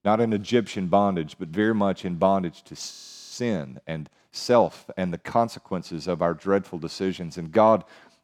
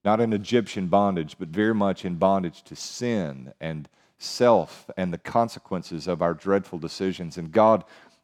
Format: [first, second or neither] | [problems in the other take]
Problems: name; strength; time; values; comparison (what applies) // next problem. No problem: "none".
second | audio freezing; at 3 s